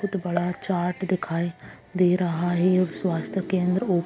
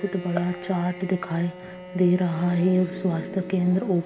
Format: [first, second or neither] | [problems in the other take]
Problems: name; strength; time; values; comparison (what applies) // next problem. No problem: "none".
first | background sound (Bowed string instrument); 14 dB below the speech // room echo; dies away in 1.4 s